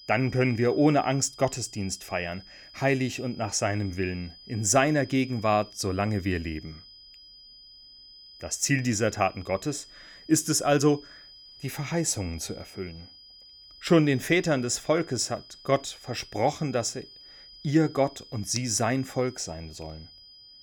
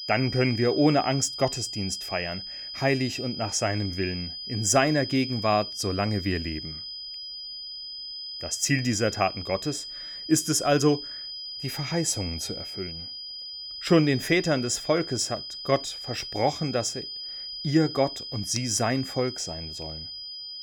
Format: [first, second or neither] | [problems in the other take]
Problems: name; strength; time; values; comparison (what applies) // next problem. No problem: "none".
first | high-pitched whine; loud; throughout; 5 kHz, 8 dB below the speech; faint in the first